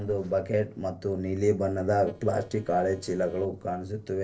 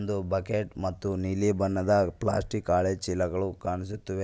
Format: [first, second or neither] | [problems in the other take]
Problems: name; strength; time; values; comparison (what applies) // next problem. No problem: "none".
second | noise reduction (neural separator model SepFormer DNS4)